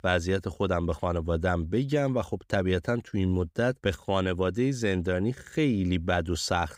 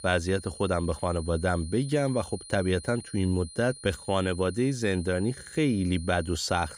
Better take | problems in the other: first | high-pitched whine; noticeable; throughout; 9.5 kHz, 15 dB below the speech

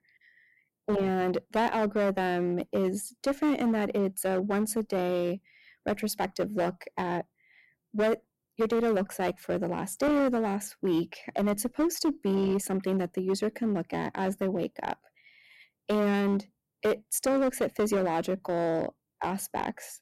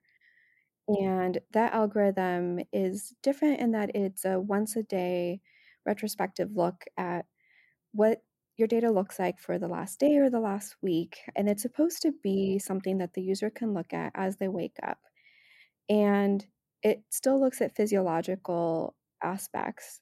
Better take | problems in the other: second | distortion; slight; 9% of the sound clipped

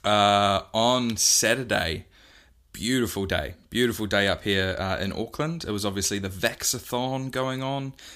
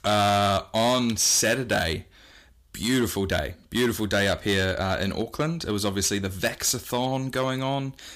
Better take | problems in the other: first | distortion; slight; 7% of the sound clipped

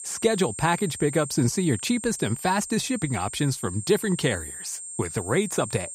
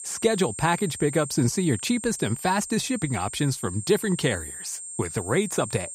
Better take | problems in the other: neither | high-pitched whine; loud; throughout; 8.5 kHz, 9 dB below the speech; the same in both

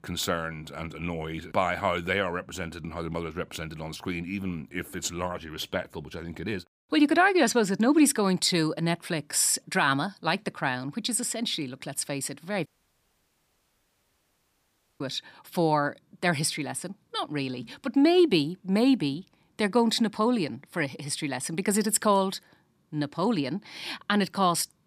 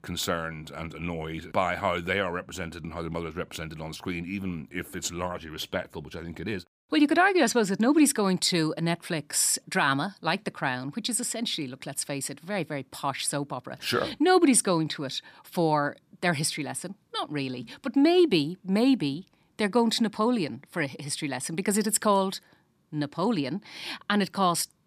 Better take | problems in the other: second | audio cutting out; at 13 s for 2.5 s

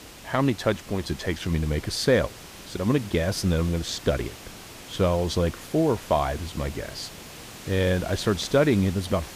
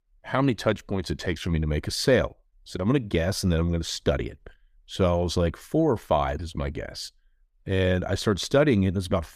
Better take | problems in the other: second | hiss; noticeable; throughout; 15 dB below the speech

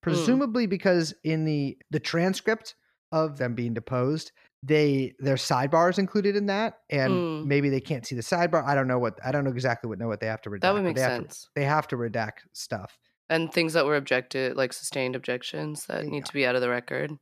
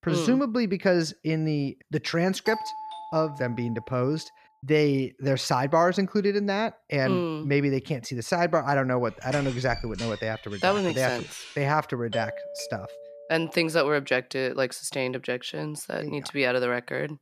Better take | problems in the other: first | doorbell; noticeable; from 2.5 to 4 s and from 12 to 14 s; peak 8 dB below the speech // door banging; faint; from 9 to 12 s; peak 10 dB below the speech

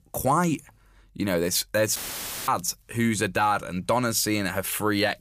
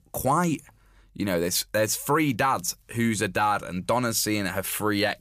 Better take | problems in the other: second | audio cutting out; filled with static; at 2 s for 0.5 s

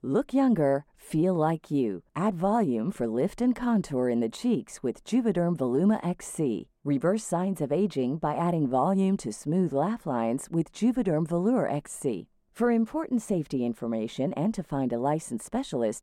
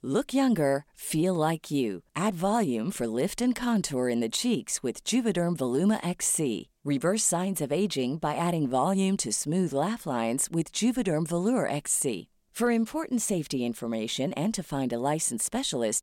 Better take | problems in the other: second | muffled; slightly; fading above 2 kHz

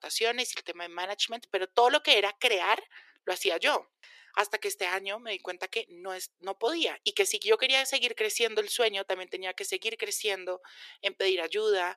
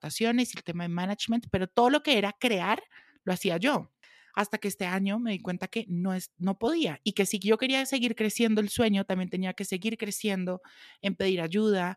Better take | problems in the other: second | thin; very; fading below 400 Hz

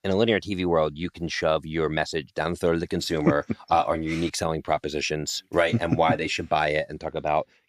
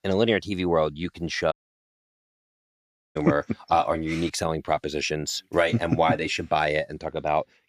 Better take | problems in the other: first | audio cutting out; at 1.5 s for 1.5 s

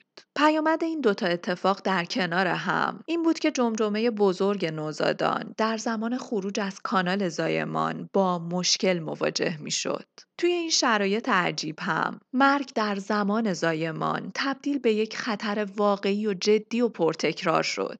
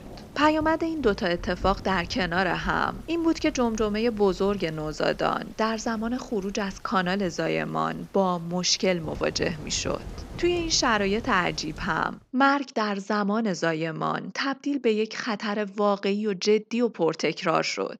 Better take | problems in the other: first | rain or running water; noticeable; until 12 s; 20 dB below the speech

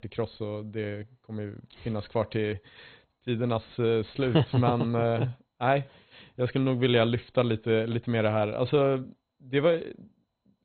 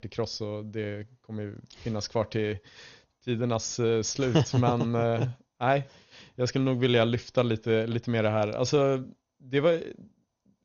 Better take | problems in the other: second | garbled, watery; badly; nothing above 4 kHz; slightly in the second

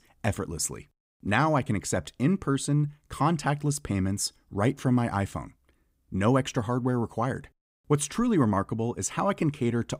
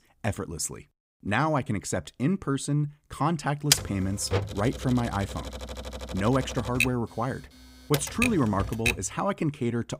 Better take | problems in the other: first | keyboard typing; loud; from 3.5 to 9 s; peak 5 dB above the speech

